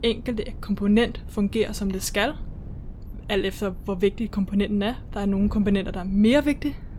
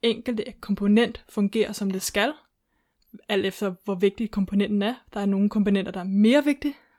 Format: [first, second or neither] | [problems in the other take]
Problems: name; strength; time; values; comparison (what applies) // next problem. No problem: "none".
second | wind noise on the microphone; occasional gusts; 25 dB below the speech